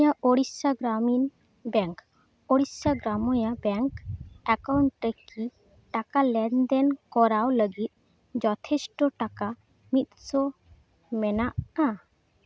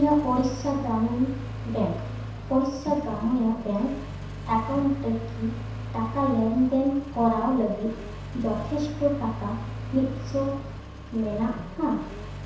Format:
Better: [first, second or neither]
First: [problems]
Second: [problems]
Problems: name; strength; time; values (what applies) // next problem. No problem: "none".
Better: first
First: none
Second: background sound (Accelerating, revving, vroom); 9 dB below the speech // room echo; dies away in 0.7 s